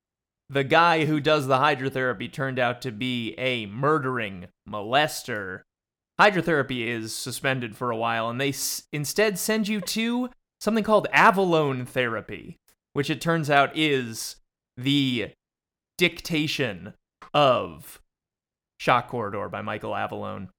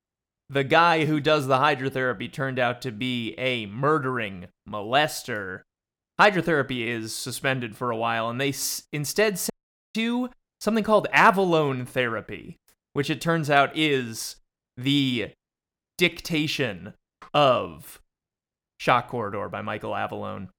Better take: first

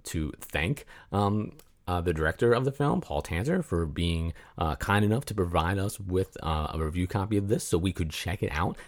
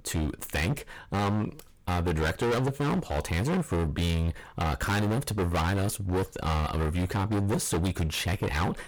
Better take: first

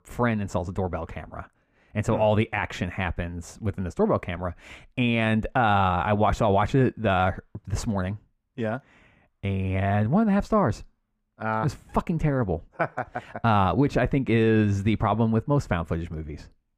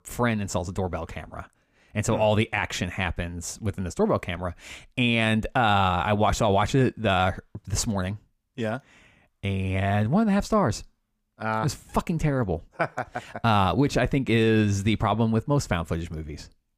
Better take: second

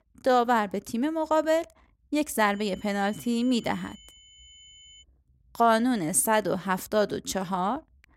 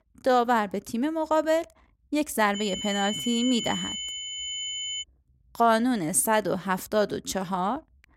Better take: first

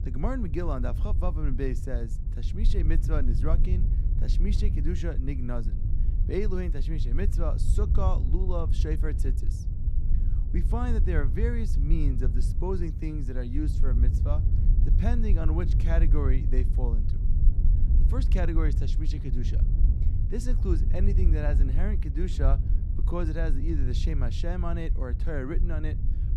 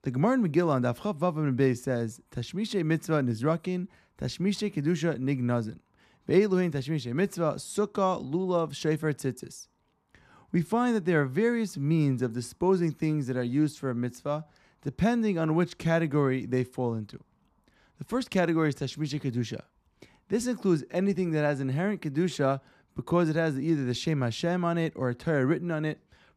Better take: second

